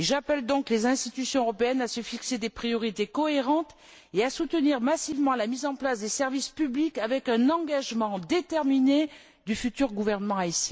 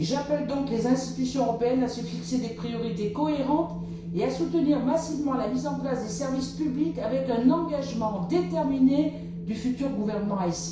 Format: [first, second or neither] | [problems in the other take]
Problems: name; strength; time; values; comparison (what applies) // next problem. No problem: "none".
first | background sound (Wind); 9 dB below the speech // room echo; dies away in 0.6 s